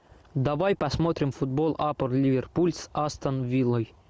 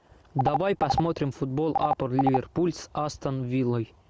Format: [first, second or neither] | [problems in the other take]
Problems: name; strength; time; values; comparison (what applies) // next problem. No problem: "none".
first | background sound (Telephone); 3 dB below the speech